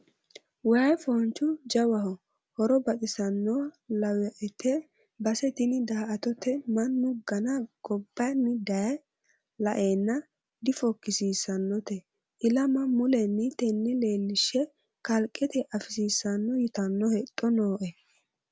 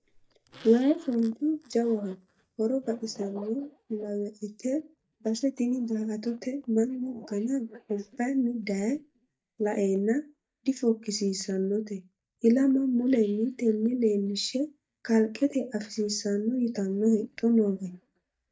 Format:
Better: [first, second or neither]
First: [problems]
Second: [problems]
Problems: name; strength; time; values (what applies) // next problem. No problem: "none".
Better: first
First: none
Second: noise reduction (neural mask model DeepFilterNet 3)